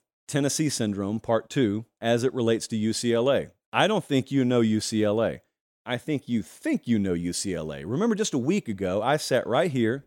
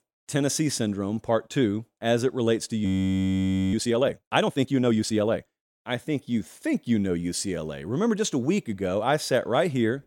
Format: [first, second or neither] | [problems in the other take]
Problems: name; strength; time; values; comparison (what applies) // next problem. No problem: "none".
first | audio freezing; at 3 s for 1 s